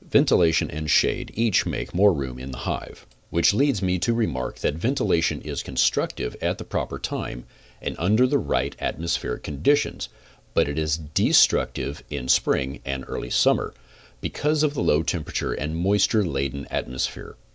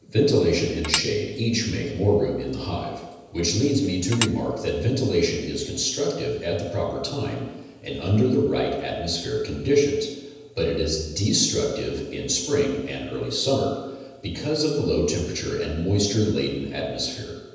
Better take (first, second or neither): first